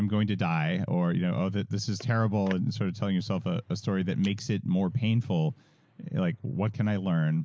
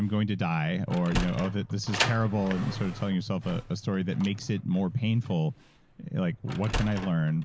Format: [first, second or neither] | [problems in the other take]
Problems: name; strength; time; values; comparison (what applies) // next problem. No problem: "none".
first | background sound (Sliding door); 10 dB below the speech